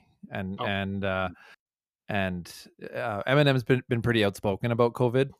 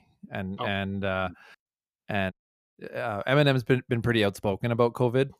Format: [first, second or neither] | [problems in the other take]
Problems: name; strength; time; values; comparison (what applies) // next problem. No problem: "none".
first | audio cutting out; at 2.5 s